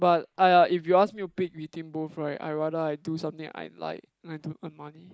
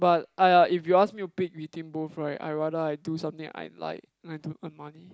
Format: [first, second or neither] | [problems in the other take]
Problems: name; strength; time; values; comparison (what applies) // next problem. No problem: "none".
second | noise reduction (neural mask model Resemble Enhance denoiser)